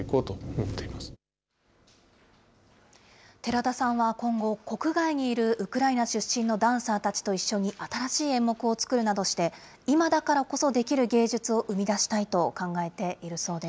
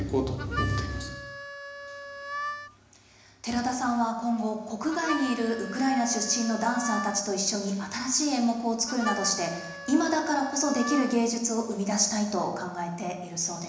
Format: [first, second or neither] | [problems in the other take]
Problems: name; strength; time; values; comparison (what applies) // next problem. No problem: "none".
first | background sound (Harmonica); 10 dB below the speech // room echo; dies away in 1 s